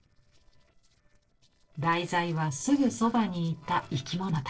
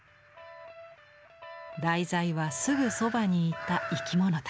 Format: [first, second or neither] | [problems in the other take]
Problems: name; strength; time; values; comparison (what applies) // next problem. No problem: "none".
second | noise reduction (neural separator model SepFormer DNS4)